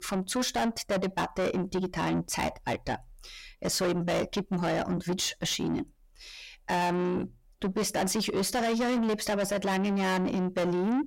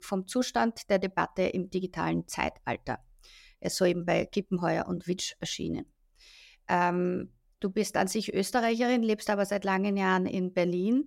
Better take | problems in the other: second | distortion; heavy; 6 dB below the speech

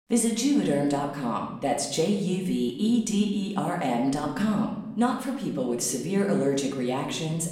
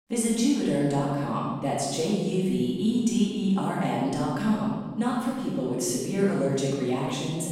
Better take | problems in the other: first | room echo; strong; dies away in 1.6 s; slight in the first // off-mic speech; far; somewhat distant in the first

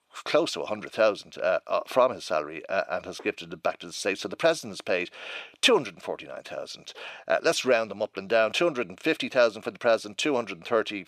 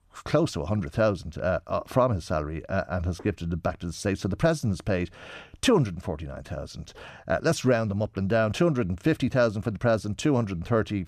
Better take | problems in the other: second | thin; somewhat; fading below 450 Hz

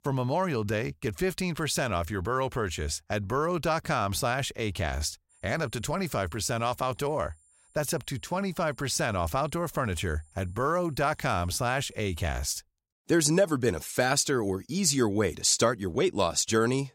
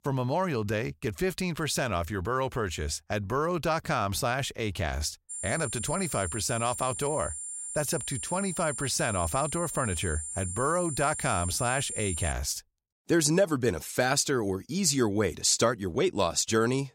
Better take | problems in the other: first | high-pitched whine; loud; from 5.5 to 12 s; 9 kHz, 5 dB below the speech; faint in the first

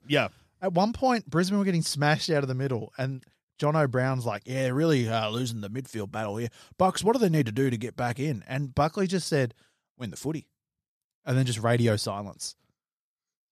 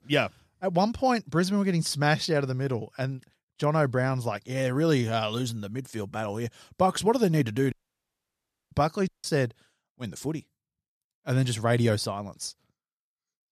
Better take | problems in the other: first | audio cutting out; at 7.5 s for 1 s and at 9 s

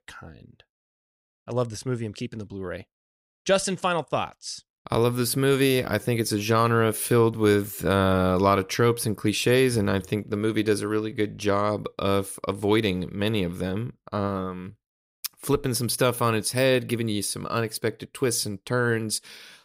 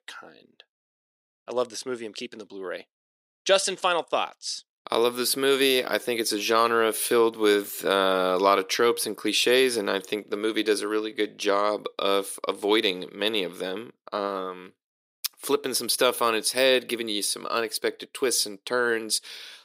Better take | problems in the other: first | thin; somewhat; fading below 300 Hz

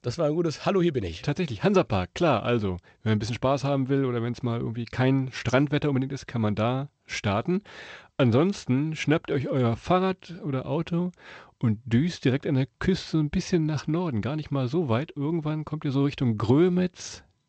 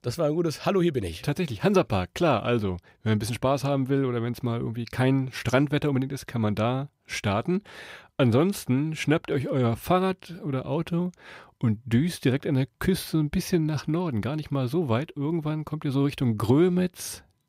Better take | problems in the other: second | garbled, watery; slightly; nothing above 7.5 kHz

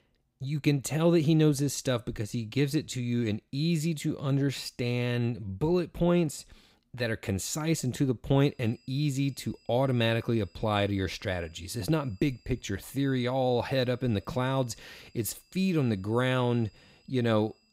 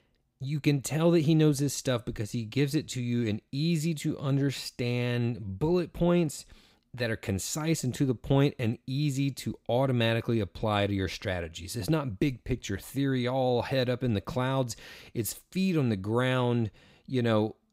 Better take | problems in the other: second | high-pitched whine; faint; from 8.5 s on; 5 kHz, 35 dB below the speech

